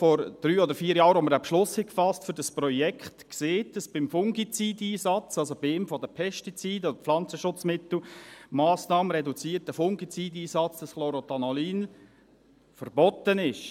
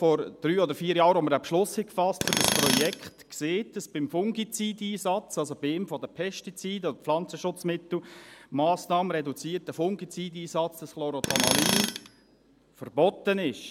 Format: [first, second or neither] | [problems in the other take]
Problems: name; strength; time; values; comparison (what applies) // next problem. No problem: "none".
first | background sound (Tools); as loud as the speech